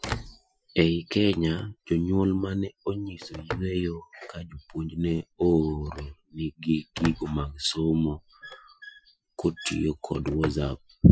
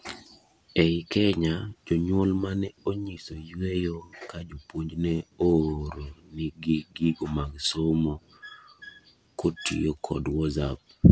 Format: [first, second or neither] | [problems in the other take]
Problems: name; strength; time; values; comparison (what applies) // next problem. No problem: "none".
second | noise reduction (classical method Wiener filter)